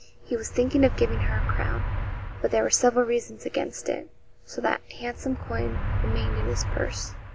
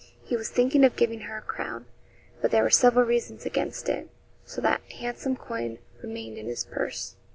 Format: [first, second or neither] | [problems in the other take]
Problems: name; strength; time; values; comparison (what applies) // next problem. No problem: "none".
second | background sound (Motor vehicle (road)); 2 dB below the speech